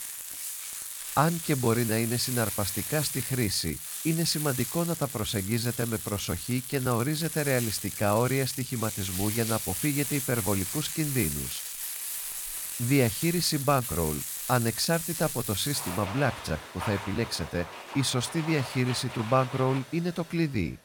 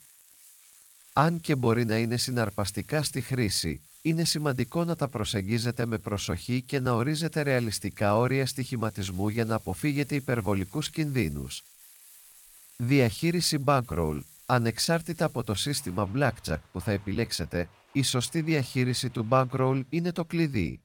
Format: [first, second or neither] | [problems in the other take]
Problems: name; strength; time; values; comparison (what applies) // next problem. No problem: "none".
second | household noises; loud; throughout; 5 dB below the speech; faint in the second